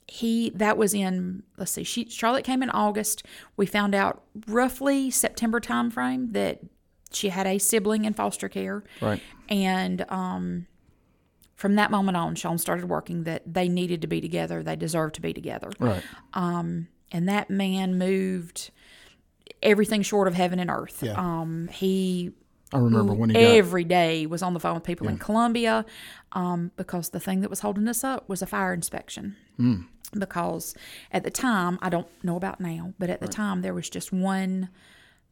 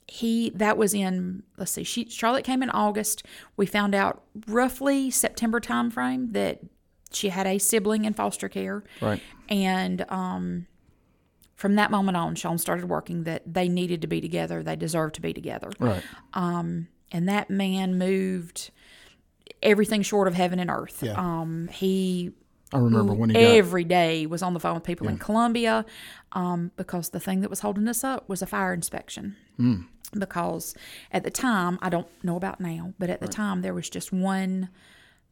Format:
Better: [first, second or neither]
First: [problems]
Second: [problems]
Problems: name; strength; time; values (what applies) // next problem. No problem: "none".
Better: neither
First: none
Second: none